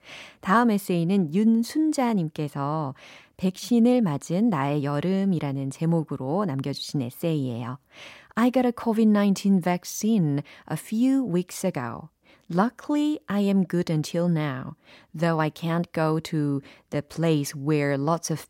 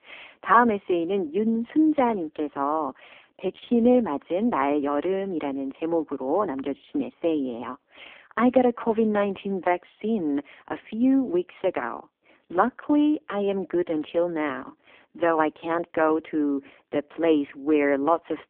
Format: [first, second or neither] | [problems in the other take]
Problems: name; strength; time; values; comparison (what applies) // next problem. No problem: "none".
first | phone-call audio; poor line